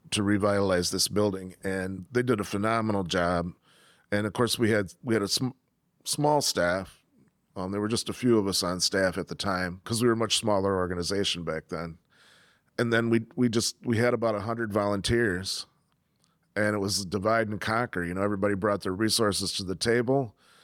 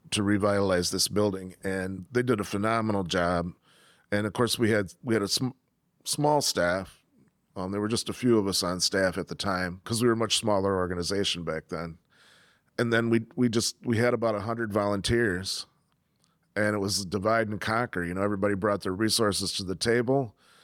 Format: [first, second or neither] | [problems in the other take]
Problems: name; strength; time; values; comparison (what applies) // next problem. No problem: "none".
neither | none